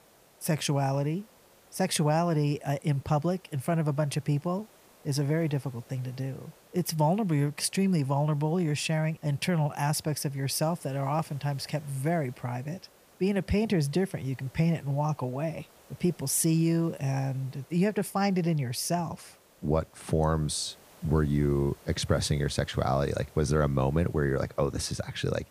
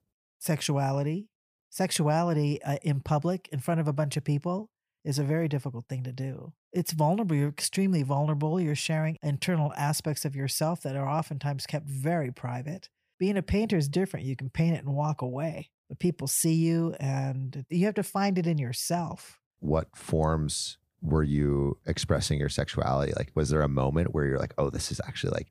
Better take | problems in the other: second | hiss; faint; throughout; 25 dB below the speech

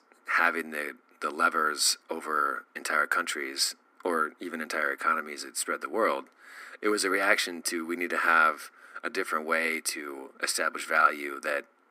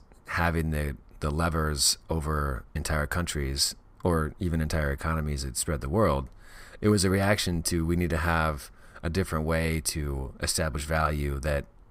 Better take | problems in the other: second | thin; very; fading below 250 Hz

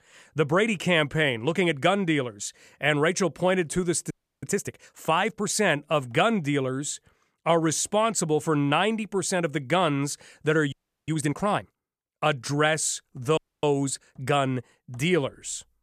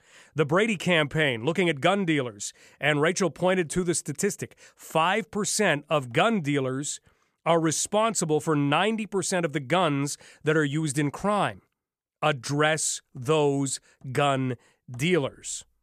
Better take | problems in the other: second | audio freezing; at 4 s, at 11 s and at 13 s

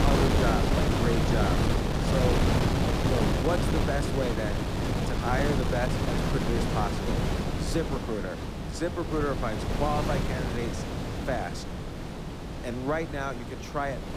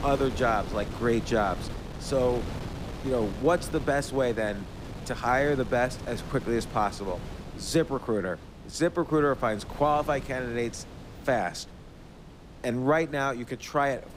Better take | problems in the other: second | wind noise on the microphone; heavy; as loud as the speech; occasional gusts in the second

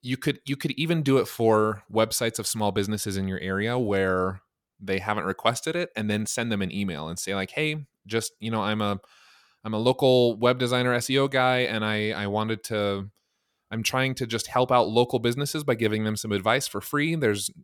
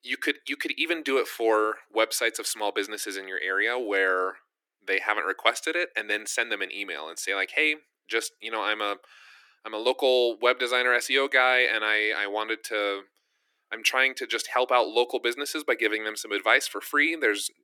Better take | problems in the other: first | thin; very; fading below 300 Hz

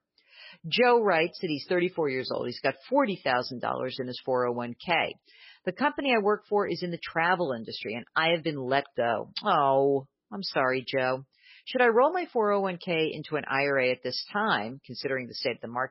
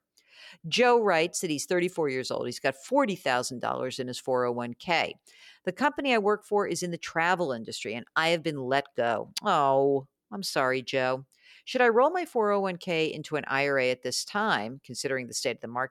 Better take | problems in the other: second | garbled, watery; badly; nothing above 5.5 kHz

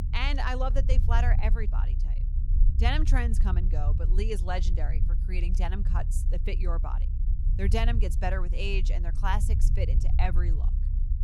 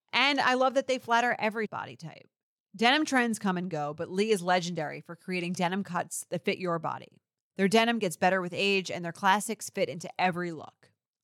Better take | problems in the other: second | low rumble; noticeable; throughout; 10 dB below the speech

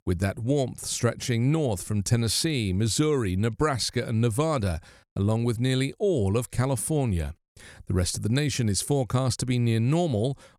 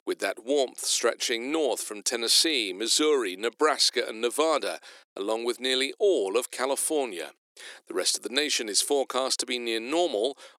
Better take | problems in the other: first | thin; very; fading below 300 Hz

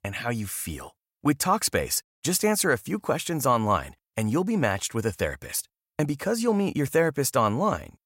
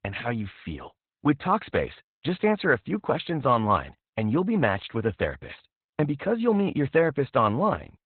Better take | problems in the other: first | garbled, watery; badly; nothing above 4 kHz

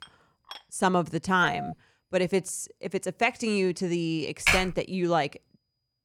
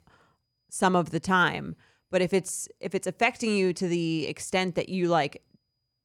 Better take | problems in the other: second | clattering dishes; faint; at the start; peak 15 dB below the speech // doorbell; noticeable; at 1.5 s; peak 7 dB below the speech // keyboard typing; loud; at 4.5 s; peak 4 dB above the speech

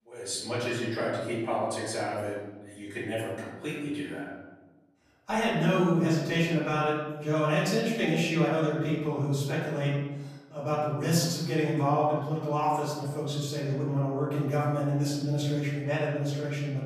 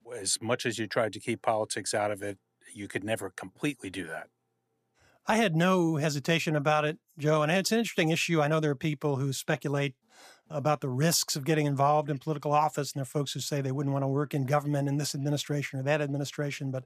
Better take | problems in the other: second | off-mic speech; far // room echo; noticeable; dies away in 1.2 s

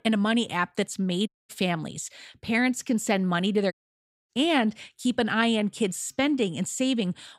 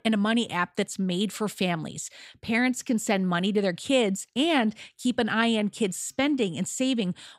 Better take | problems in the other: second | audio cutting out; at 1.5 s and at 3.5 s for 0.5 s

